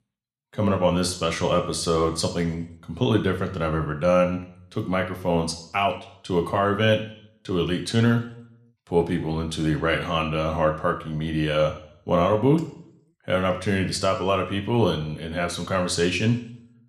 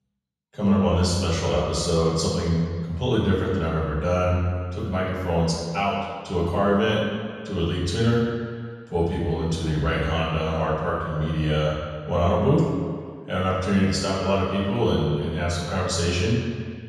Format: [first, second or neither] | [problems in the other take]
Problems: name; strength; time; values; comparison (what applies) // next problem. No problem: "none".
first | room echo; strong; dies away in 1.7 s; slight in the first // off-mic speech; far